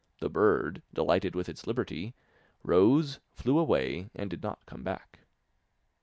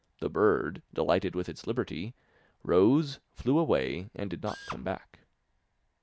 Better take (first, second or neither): first